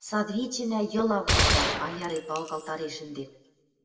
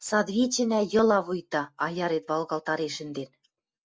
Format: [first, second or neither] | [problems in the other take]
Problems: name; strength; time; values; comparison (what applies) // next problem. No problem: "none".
second | background sound (Gunshot, gunfire); 3 dB above the speech // room echo; dies away in 0.8 s